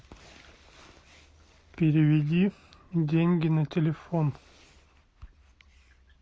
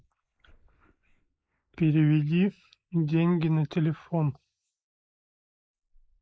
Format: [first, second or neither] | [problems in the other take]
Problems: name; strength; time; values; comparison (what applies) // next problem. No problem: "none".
first | noise reduction (neural mask model Resemble Enhance denoiser)